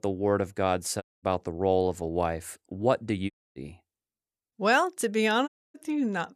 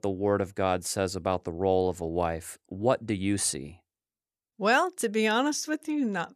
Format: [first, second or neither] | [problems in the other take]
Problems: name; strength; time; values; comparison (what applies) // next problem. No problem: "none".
second | audio cutting out; at 1 s, at 3.5 s and at 5.5 s